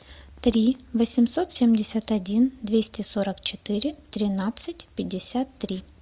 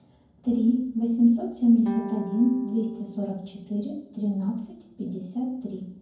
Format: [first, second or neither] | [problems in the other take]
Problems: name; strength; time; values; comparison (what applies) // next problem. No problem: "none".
first | background sound (Guitar); 15 dB below the speech // room echo; dies away in 0.9 s